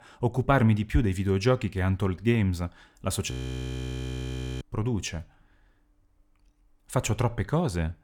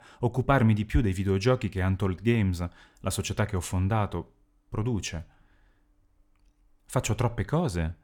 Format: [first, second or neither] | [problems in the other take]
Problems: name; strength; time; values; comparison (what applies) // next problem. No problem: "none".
second | audio freezing; at 3.5 s for 1.5 s